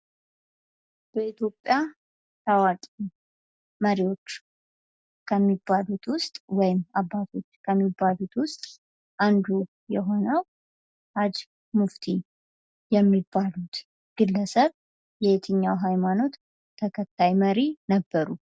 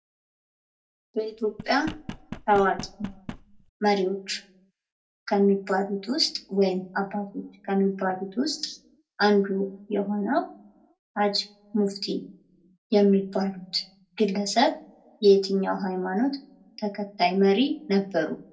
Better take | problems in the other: first | background sound (Knock); 14 dB below the speech // room echo; dies away in 0.2 s

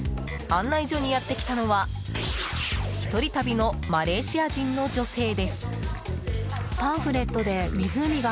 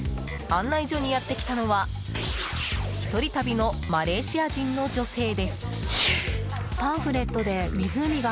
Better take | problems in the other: first | background sound (Fireworks); 12 dB below the speech

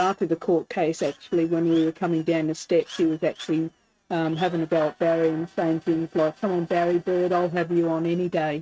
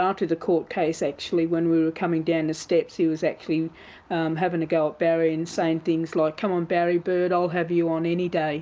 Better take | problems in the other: second | noise reduction (neural mask model RNNoise)

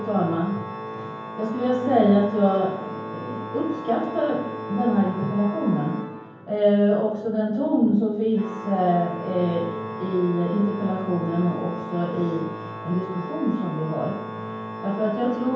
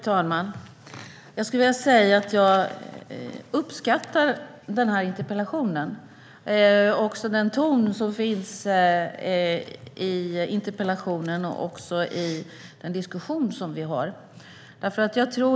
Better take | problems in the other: second | background sound (Organ); 11 dB below the speech // room echo; dies away in 0.9 s

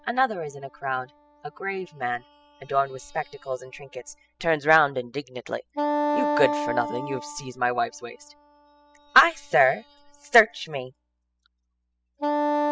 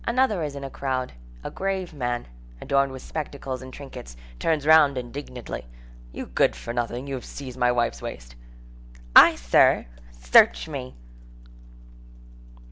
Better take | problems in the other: second | noise reduction (classical method spectral subtraction)

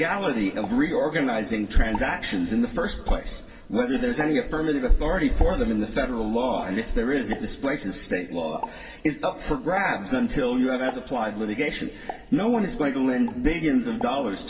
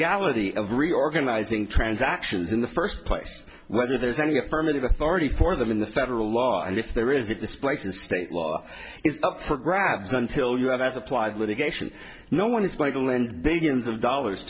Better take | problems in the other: second | background sound (Explosion); 19 dB below the speech // room echo; dies away in 2.7 s

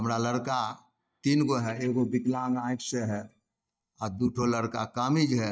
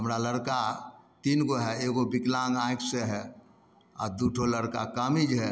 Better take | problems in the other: second | noise reduction (neural mask model DeepFilterNet 3)

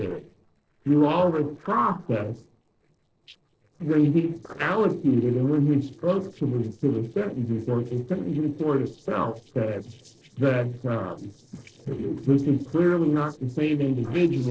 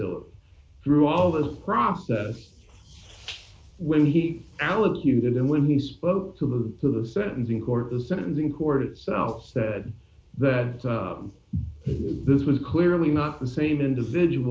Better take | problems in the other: second | noise reduction (neural separator model SepFormer DNS4)

